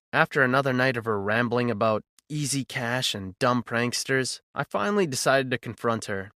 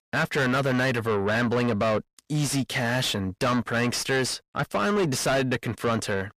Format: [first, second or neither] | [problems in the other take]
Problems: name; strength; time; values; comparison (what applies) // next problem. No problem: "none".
first | distortion; heavy; 6 dB below the speech